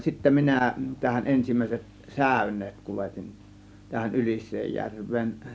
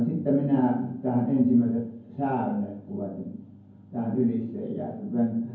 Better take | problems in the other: first | room echo; dies away in 0.9 s

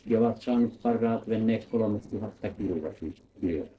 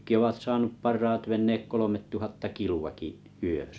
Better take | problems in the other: second | noise reduction (neural separator model SepFormer DNS4)

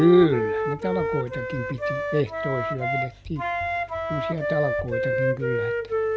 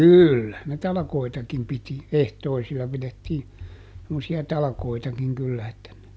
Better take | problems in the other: second | background sound (Wind instrument, woodwind instrument); 1 dB below the speech

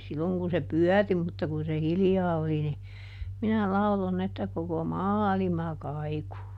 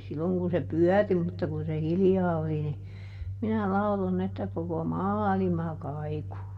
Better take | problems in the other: first | room echo; dies away in 0.8 s

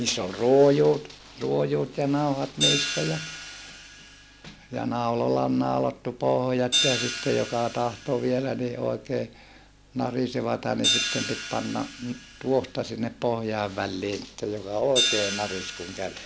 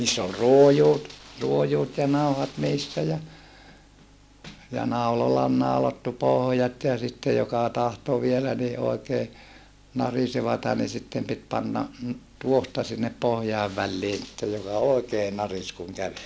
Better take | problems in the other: second | background sound (Hi-hat); 7 dB below the speech

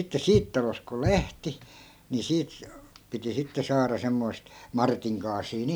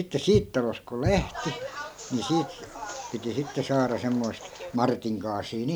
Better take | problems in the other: first | background sound (Bus); 11 dB below the speech

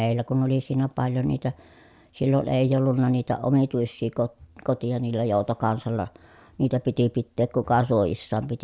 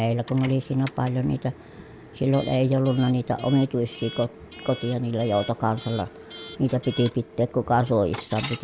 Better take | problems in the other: first | background sound (Coin (dropping) / Alarm); 16 dB below the speech

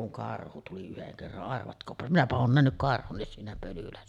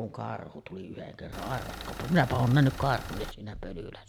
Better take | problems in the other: first | background sound (Engine); 11 dB below the speech

